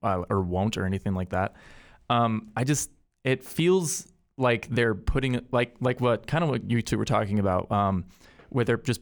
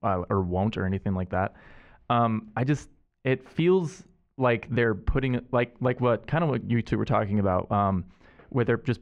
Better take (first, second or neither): first